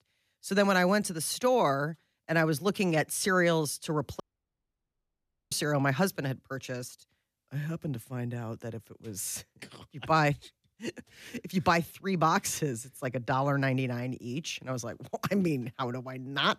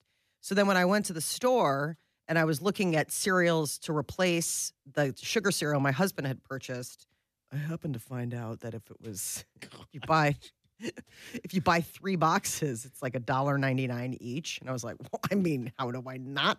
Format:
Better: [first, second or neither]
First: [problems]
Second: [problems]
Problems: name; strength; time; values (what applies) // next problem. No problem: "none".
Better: second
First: audio cutting out; at 4 s for 1.5 s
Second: none